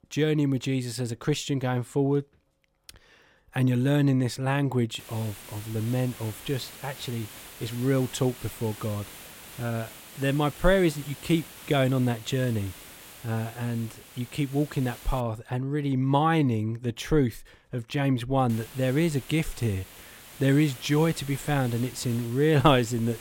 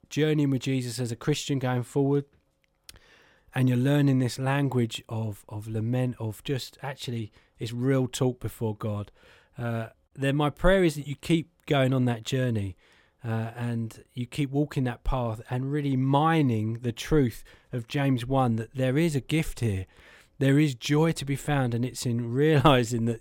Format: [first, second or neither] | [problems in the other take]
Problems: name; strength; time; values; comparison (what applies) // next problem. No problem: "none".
second | hiss; noticeable; from 5 to 15 s and from 18 s on; 15 dB below the speech